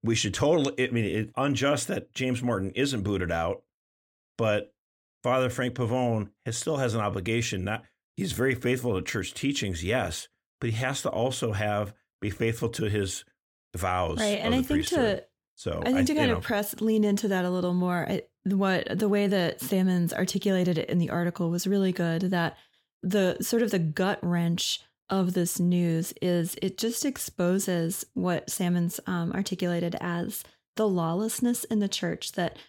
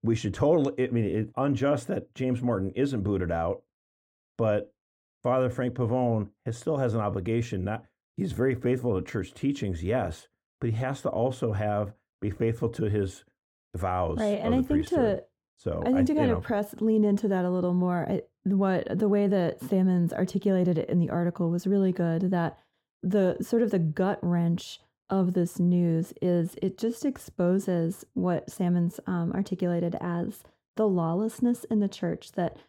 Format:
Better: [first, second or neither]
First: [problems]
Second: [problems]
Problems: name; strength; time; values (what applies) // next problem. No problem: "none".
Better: first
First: none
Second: muffled; slightly; fading above 1.5 kHz